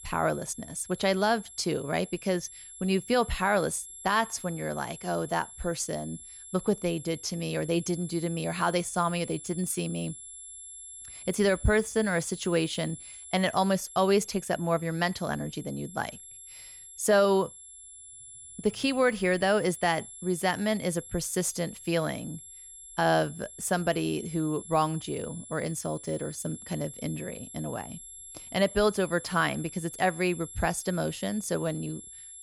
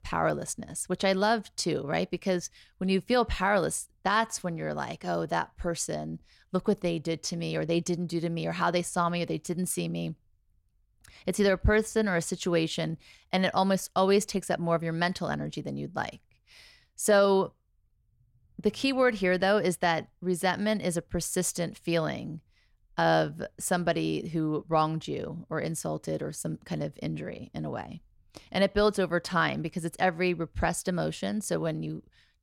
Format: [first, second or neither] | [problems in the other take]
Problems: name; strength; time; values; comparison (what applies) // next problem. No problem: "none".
second | high-pitched whine; noticeable; throughout; 11 kHz, 15 dB below the speech